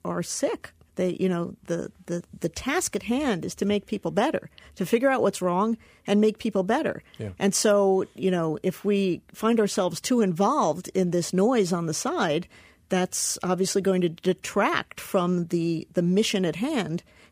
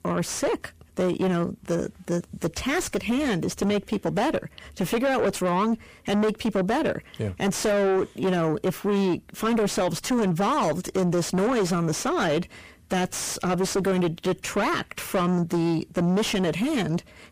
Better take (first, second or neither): first